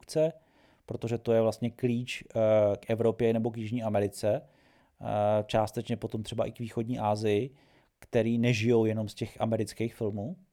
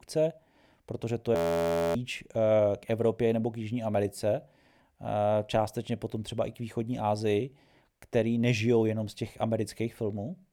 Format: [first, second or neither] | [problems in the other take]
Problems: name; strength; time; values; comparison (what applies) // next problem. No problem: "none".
first | audio freezing; at 1.5 s for 0.5 s